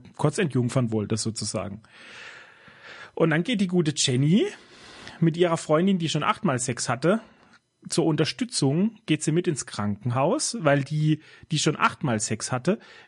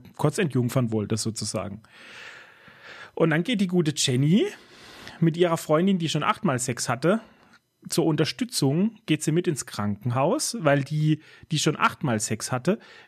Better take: second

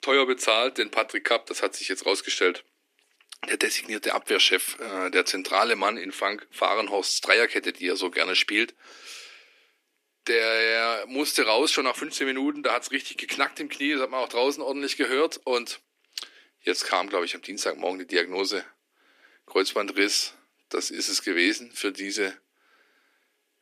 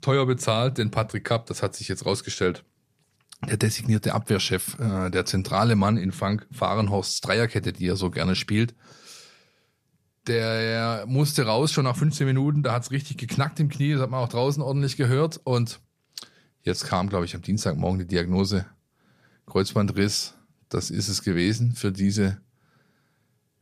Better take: second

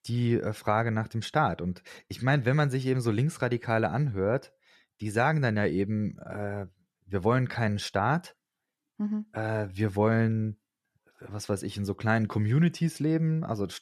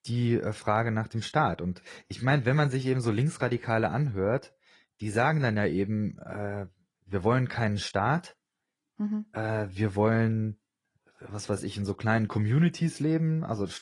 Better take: first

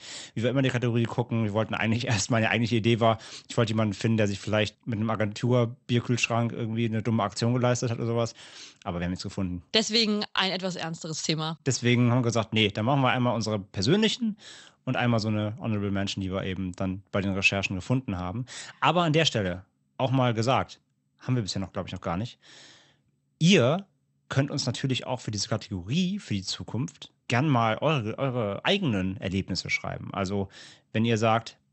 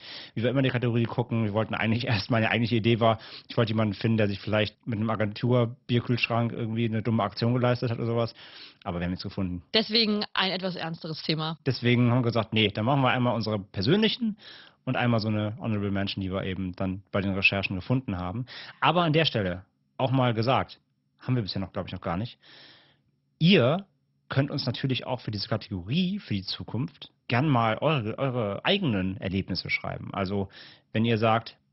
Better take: first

